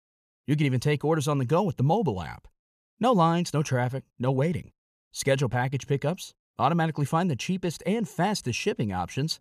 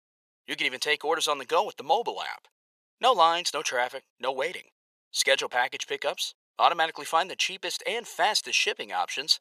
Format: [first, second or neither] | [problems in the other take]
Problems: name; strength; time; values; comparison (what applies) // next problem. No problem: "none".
first | thin; very; fading below 550 Hz